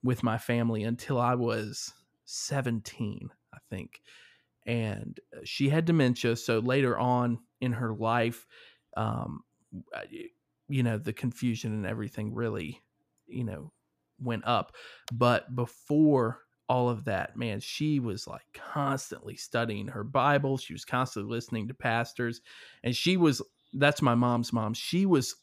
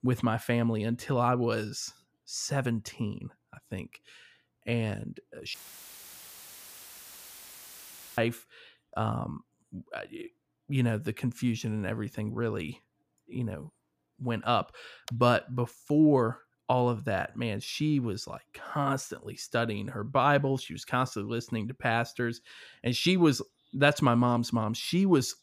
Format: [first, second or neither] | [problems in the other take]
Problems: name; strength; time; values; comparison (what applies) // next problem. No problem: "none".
first | audio cutting out; filled with static; at 5.5 s for 2.5 s